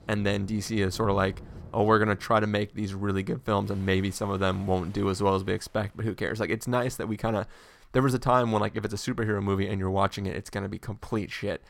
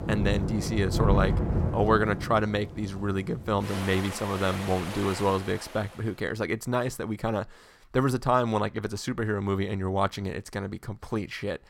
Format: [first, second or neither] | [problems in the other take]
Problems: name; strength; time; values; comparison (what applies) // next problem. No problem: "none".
first | rain or running water; loud; until 5.5 s; 3 dB below the speech; faint in the first